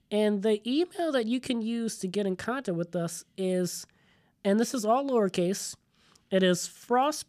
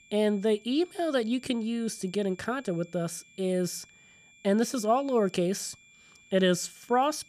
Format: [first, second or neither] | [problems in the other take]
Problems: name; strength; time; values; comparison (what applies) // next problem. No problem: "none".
first | high-pitched whine; faint; throughout; 2.5 kHz, 25 dB below the speech